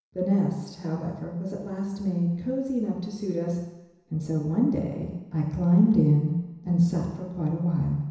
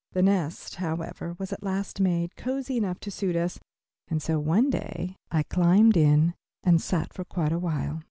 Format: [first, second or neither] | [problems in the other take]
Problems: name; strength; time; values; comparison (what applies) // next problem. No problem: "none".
second | room echo; dies away in 1 s